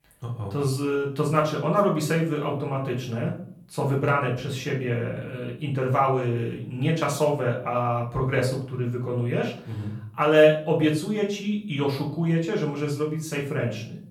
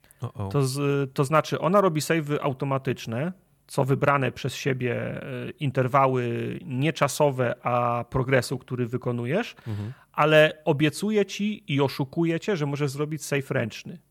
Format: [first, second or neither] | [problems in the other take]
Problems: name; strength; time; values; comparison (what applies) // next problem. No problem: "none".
second | off-mic speech; far // room echo; slight; dies away in 0.4 s